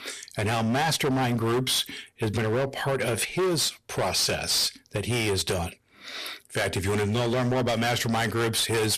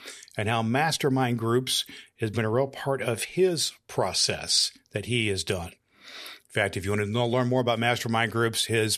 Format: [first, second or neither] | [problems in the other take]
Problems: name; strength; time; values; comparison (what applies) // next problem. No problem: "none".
second | distortion; heavy; 23% of the sound clipped